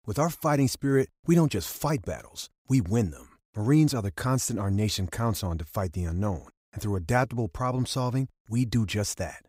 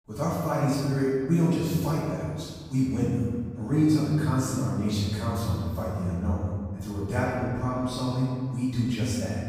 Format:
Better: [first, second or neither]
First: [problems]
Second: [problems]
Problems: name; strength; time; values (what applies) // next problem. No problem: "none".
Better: first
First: none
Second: off-mic speech; far // room echo; strong; dies away in 1.7 s